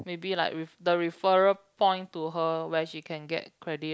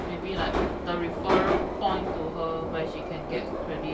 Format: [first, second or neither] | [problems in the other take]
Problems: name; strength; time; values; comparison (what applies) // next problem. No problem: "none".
first | background sound (Subway, metro, underground); 3 dB above the speech // room echo; dies away in 0.2 s